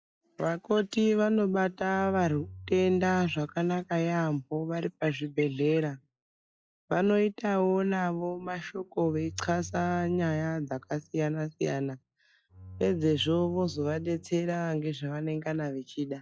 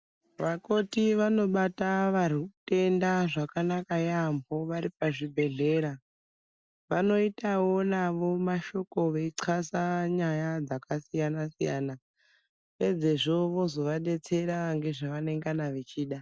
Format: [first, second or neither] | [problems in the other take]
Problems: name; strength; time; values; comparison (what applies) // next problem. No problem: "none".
second | noise reduction (classical method log-MMSE)